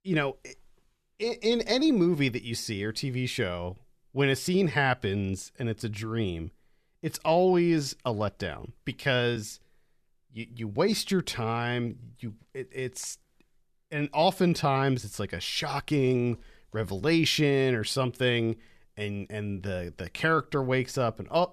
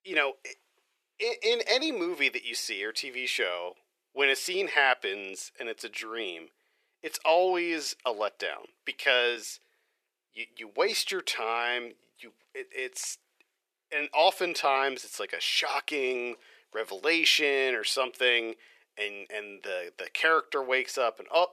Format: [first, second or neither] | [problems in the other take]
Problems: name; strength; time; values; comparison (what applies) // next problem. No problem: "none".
first | thin; very; fading below 400 Hz